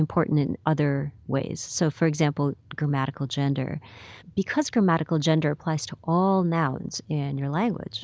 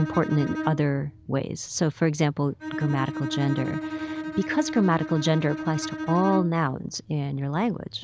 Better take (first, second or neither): first